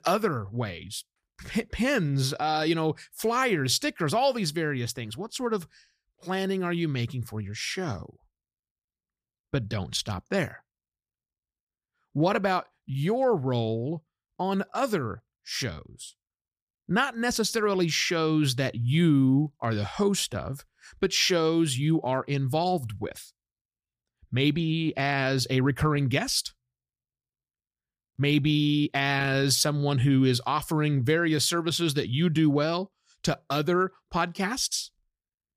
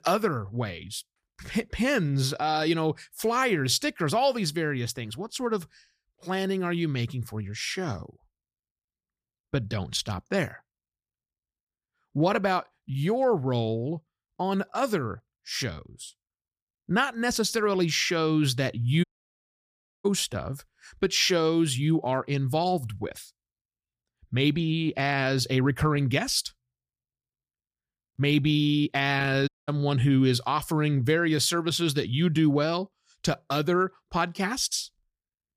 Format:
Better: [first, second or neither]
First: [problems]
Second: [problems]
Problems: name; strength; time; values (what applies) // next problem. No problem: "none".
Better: first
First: none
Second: audio cutting out; at 19 s for 1 s and at 29 s